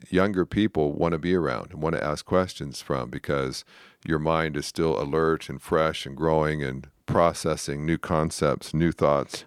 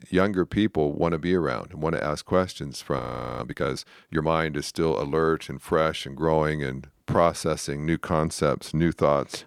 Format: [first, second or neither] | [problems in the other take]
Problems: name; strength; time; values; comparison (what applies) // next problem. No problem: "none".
first | audio freezing; at 3 s